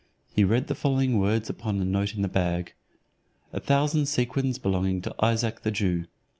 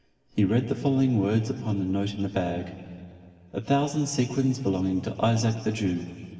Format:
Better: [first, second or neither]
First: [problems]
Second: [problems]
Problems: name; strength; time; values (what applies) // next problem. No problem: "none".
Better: first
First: none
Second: room echo; dies away in 2.3 s